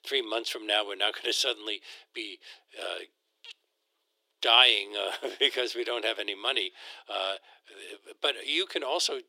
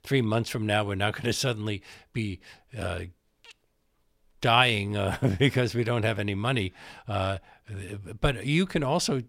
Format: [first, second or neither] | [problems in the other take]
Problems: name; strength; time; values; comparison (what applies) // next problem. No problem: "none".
second | thin; very; fading below 350 Hz